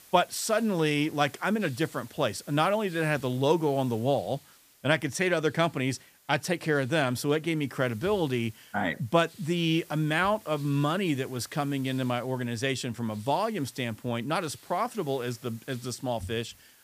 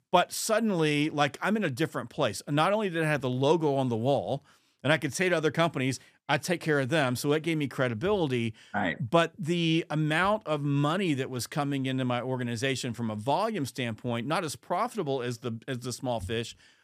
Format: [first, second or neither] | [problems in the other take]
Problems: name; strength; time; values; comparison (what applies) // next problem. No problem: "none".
second | hiss; faint; throughout; 25 dB below the speech